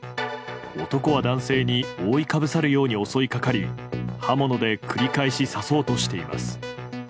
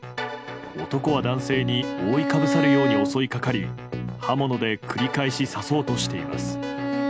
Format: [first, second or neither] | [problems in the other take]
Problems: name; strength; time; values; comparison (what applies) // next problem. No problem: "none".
first | background sound (Bowed string instrument); 4 dB below the speech